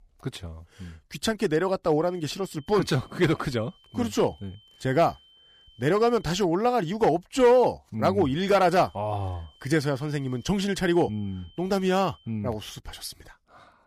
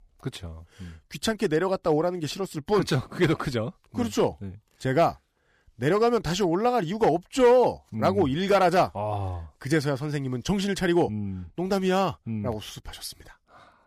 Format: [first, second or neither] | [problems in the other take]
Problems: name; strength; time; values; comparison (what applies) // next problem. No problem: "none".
second | high-pitched whine; faint; from 2 to 6.5 s and from 8.5 to 12 s; 3 kHz, 30 dB below the speech